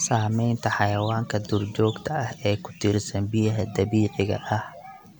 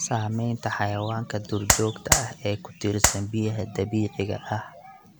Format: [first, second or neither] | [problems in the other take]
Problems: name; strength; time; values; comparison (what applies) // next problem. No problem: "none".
first | background sound (Clapping); 4 dB above the speech